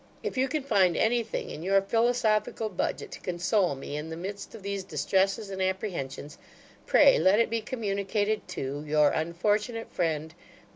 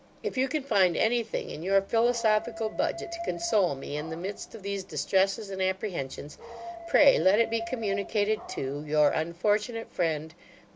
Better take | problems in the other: first | background sound (Dog); 14 dB below the speech

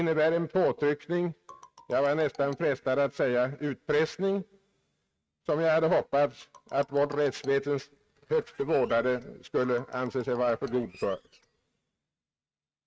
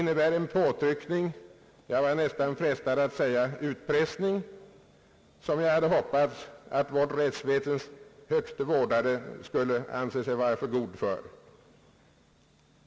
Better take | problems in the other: second | noise reduction (neural mask model RNNoise)

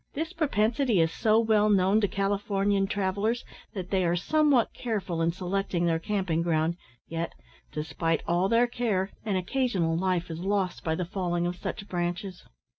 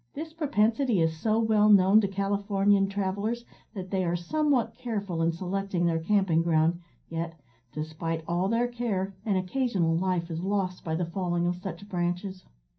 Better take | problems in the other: first | room echo; dies away in 0.3 s

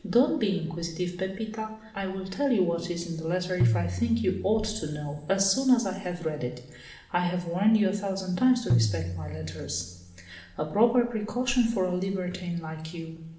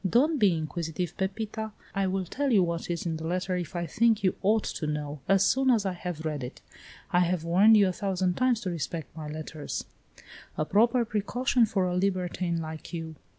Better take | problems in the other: second | background sound (Tabla); 4 dB below the speech // room echo; dies away in 0.8 s

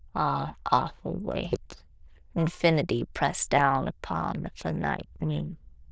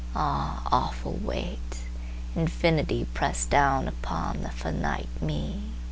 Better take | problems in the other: second | noise reduction (neural diffusion model UNIVERSE++)

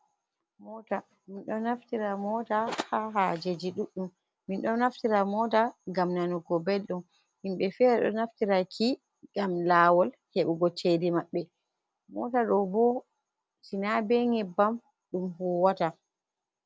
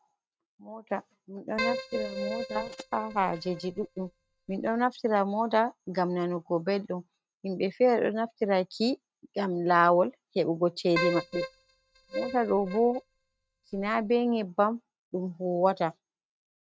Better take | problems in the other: first | noise reduction (neural mask model RNNoise)

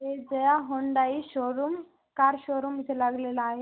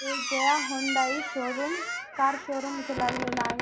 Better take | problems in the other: first | background sound (Squeak); 2 dB below the speech

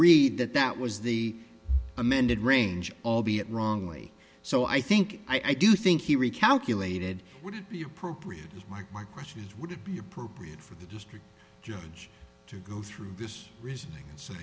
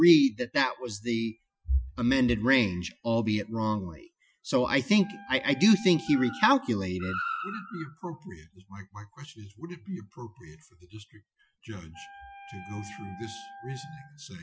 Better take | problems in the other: first | noise reduction (classical method Wiener filter)

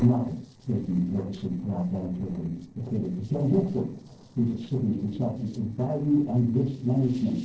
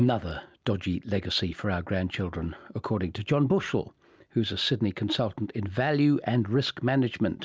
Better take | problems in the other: second | noise reduction (neural separator model SepFormer DNS4)

